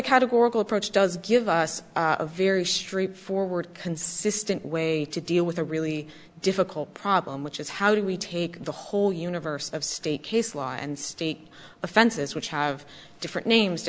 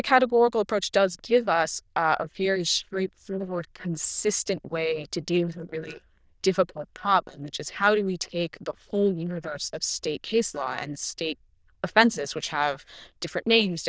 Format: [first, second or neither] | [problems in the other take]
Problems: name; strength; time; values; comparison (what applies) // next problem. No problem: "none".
first | noise reduction (neural diffusion model UNIVERSE++)